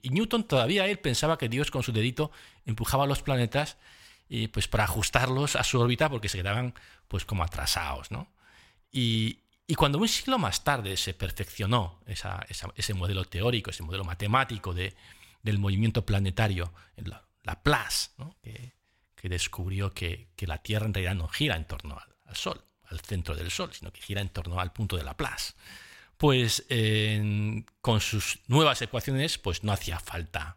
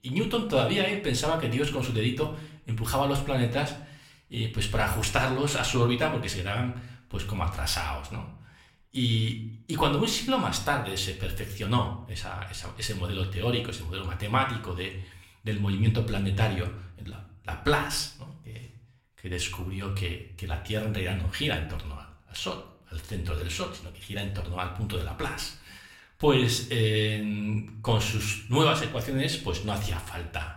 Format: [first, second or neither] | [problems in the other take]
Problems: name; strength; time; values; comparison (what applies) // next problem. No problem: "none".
first | room echo; slight; dies away in 0.5 s // off-mic speech; somewhat distant